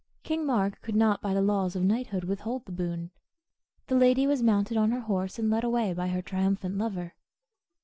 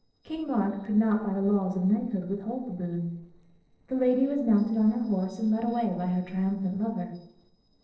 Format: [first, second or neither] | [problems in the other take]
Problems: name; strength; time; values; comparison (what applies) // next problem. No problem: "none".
first | noise reduction (neural separator model SepFormer DNS4)